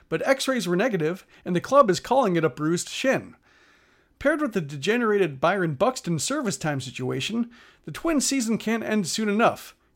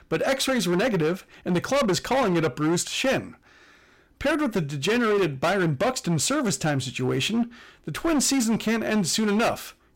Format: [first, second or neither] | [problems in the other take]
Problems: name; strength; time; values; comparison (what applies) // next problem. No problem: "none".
first | distortion; heavy; 16% of the sound clipped